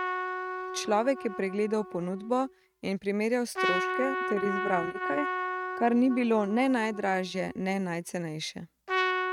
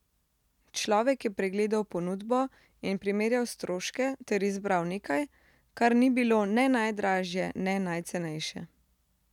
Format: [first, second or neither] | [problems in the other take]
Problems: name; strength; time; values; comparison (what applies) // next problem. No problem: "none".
second | noise reduction (neural mask model RNNoise)